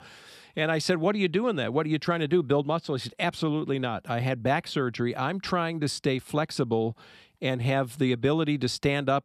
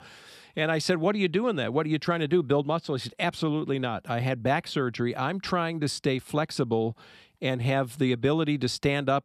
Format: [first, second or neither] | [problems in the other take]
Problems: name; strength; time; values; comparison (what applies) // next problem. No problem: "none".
neither | none